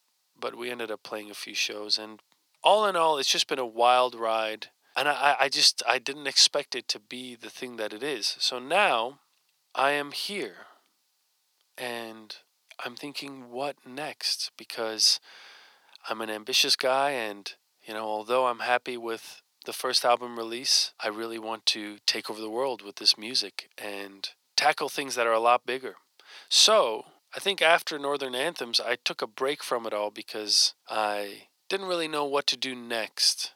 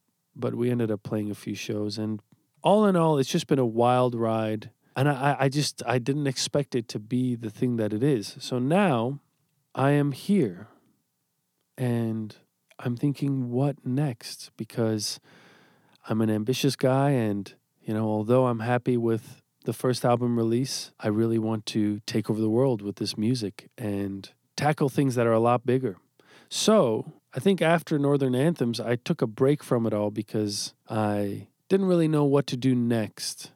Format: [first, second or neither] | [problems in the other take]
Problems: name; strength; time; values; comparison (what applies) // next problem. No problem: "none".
second | thin; very; fading below 800 Hz